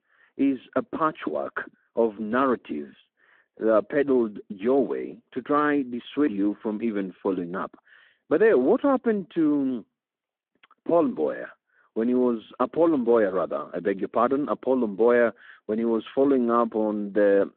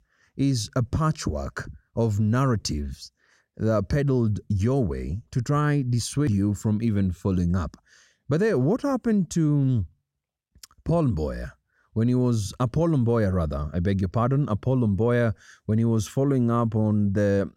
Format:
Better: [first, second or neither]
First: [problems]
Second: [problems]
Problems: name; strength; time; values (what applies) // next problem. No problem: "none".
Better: second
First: phone-call audio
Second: none